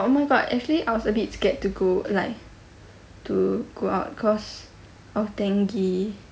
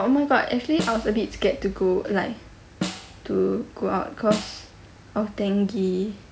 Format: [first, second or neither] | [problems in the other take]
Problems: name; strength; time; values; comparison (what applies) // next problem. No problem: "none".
first | background sound (Snare drum); 12 dB below the speech